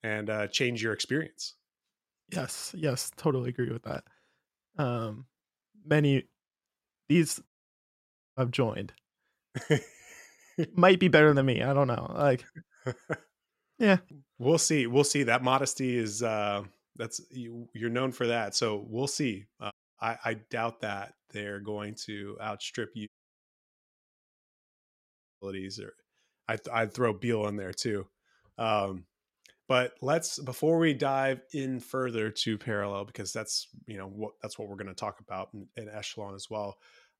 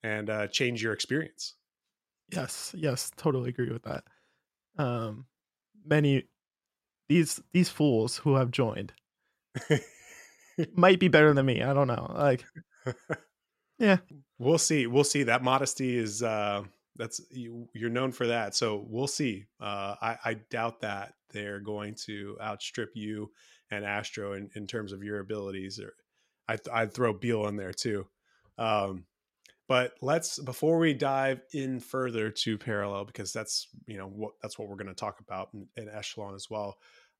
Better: second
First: audio cutting out; at 7.5 s for 1 s, at 20 s and at 23 s for 2.5 s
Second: none

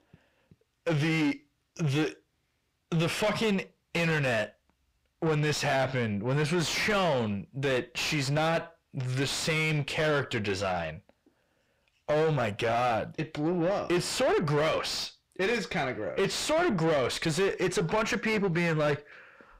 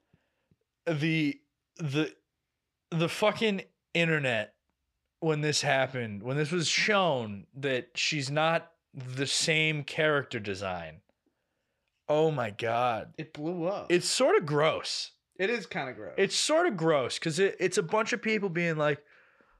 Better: second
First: distortion; heavy; 5 dB below the speech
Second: none

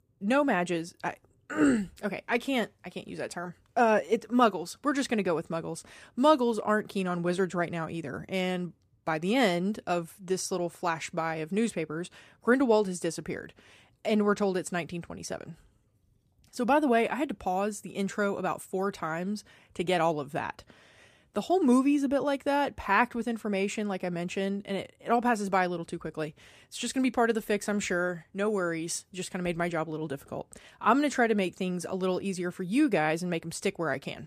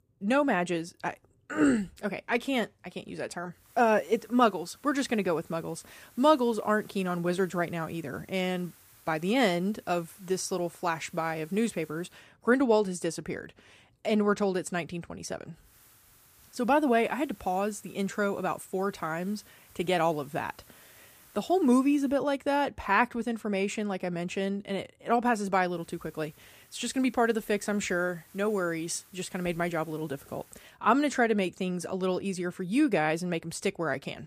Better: first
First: none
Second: hiss; faint; from 3.5 to 12 s, from 16 to 22 s and from 26 to 31 s; 25 dB below the speech

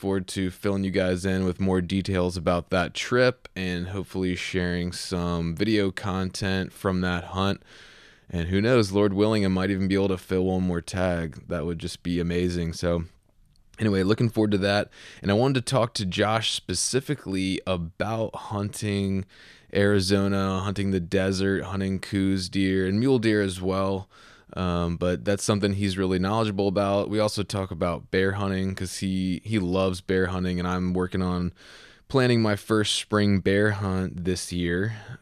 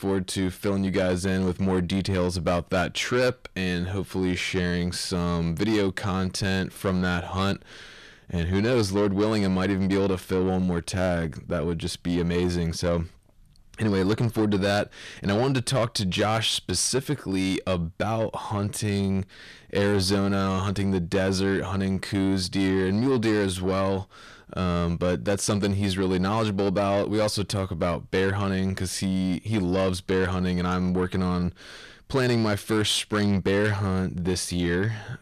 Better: first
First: none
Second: distortion; slight; 10 dB below the speech

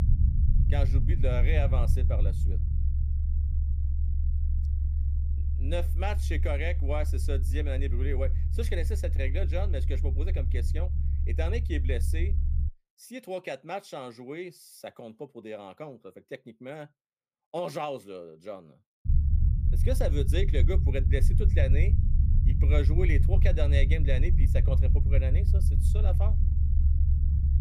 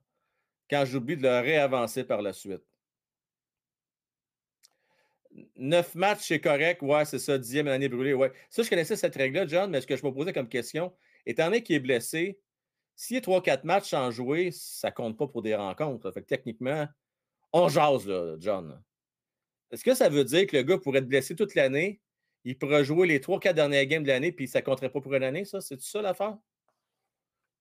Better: second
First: low rumble; loud; until 13 s and from 19 s on; 8 dB below the speech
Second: none

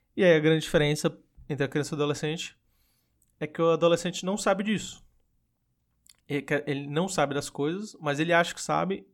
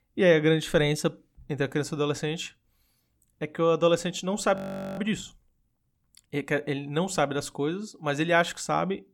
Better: first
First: none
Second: audio freezing; at 4.5 s

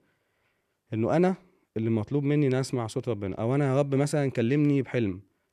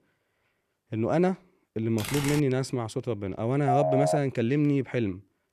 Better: first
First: none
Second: keyboard typing; noticeable; at 2 s; peak 5 dB below the speech // phone ringing; loud; at 3.5 s; peak 2 dB above the speech

